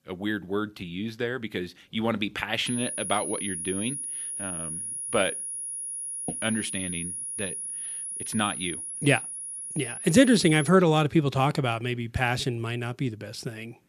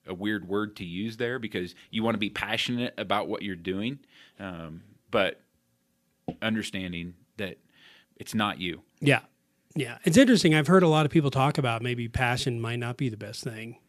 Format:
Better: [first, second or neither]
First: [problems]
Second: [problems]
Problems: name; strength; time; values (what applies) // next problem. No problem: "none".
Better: second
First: high-pitched whine; loud; from 2.5 to 11 s; 10.5 kHz, 5 dB below the speech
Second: none